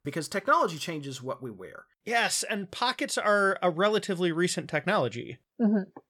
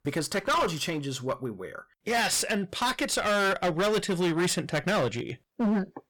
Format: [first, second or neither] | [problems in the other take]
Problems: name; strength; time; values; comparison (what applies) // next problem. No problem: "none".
first | distortion; heavy; 17% of the sound clipped